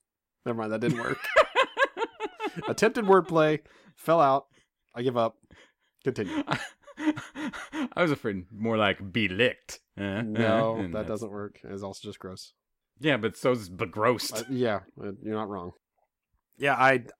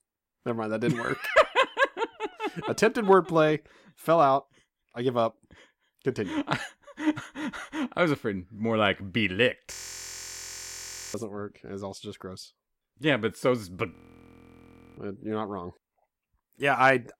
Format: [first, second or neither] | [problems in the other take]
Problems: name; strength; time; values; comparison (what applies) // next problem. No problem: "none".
first | audio freezing; at 9.5 s for 1.5 s and at 14 s for 1 s